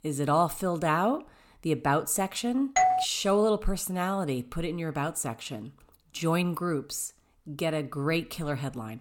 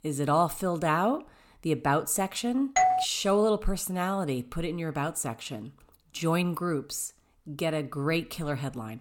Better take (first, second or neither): neither